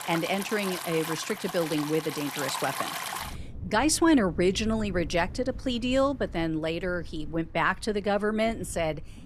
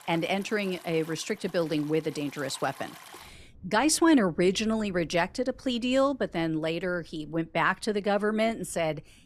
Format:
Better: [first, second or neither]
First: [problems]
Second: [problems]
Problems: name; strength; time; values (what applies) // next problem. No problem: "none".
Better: second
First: rain or running water; loud; throughout; 10 dB below the speech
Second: rain or running water; faint; throughout; 25 dB below the speech